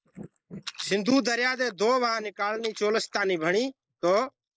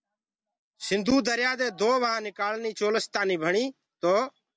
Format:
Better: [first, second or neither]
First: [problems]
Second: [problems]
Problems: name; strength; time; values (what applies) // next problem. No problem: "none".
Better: second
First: noise reduction (neural mask model Resemble Enhance denoiser)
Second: none